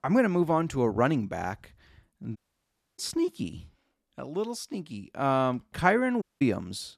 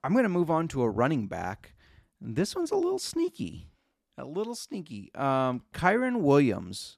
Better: second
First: audio cutting out; at 2.5 s for 0.5 s and at 6 s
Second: none

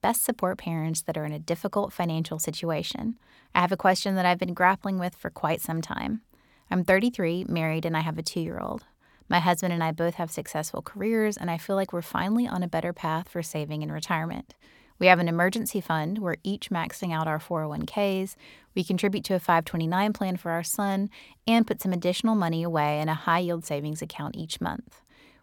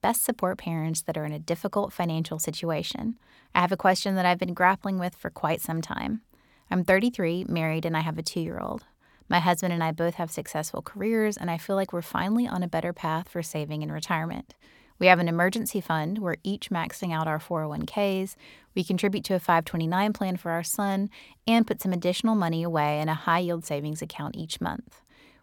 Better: neither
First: none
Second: none

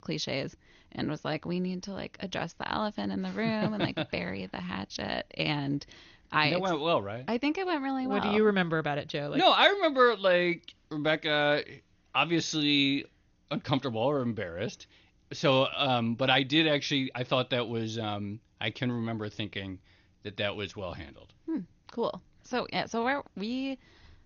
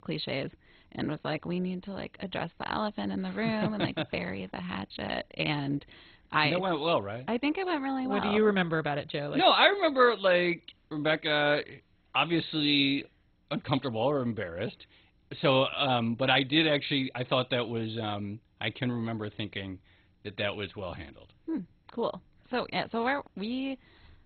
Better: first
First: garbled, watery; slightly; nothing above 6.5 kHz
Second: garbled, watery; badly; nothing above 4 kHz

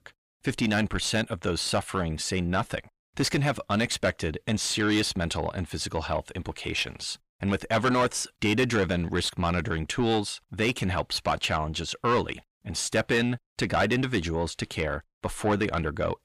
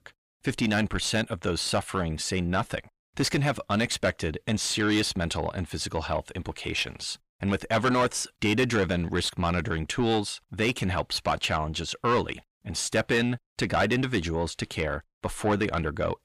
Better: neither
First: distortion; heavy; 8 dB below the speech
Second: distortion; heavy; 8 dB below the speech

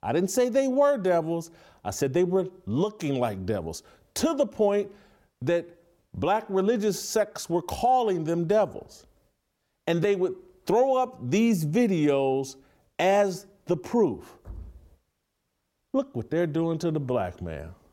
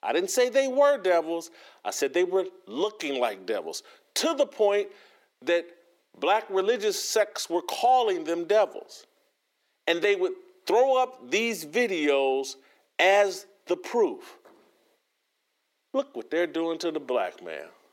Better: first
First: none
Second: thin; somewhat; fading below 350 Hz

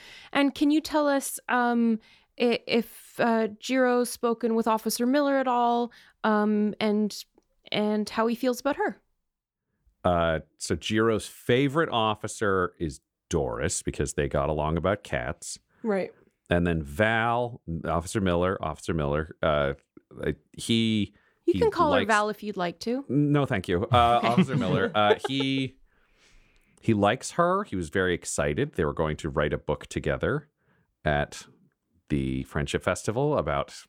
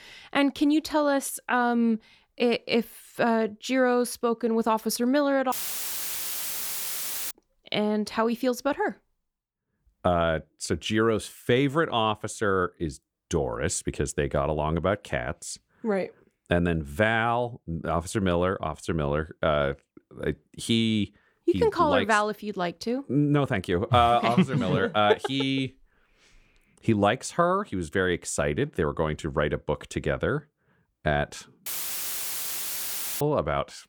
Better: first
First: none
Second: audio cutting out; filled with static; at 5.5 s for 2 s and at 32 s for 1.5 s

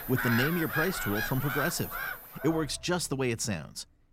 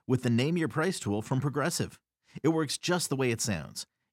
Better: second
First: animal sounds; loud; throughout; 3 dB below the speech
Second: none

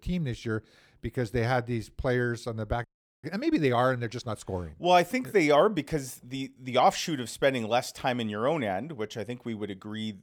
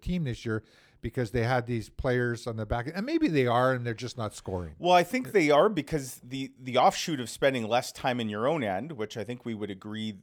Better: second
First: audio freezing; at 3 s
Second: none

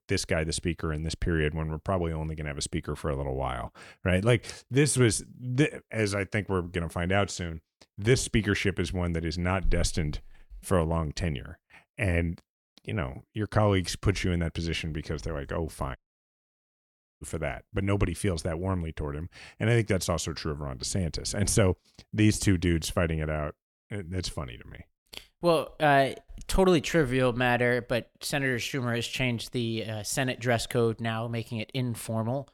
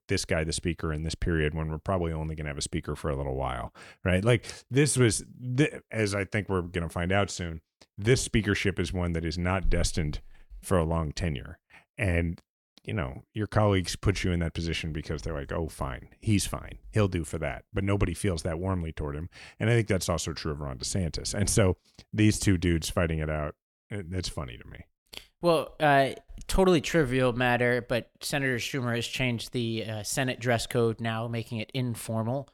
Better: second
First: audio cutting out; at 16 s for 1.5 s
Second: none

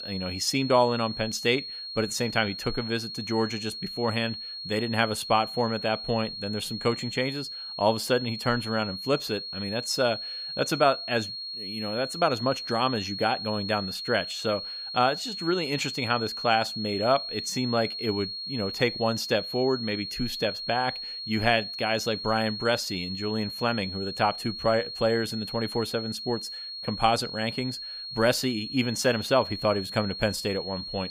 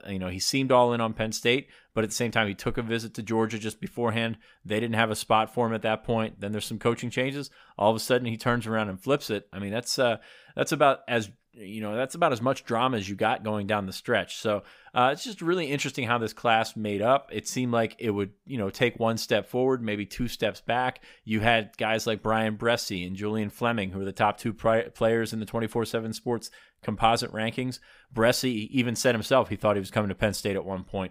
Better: second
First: high-pitched whine; loud; throughout; 4.5 kHz, 6 dB below the speech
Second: none

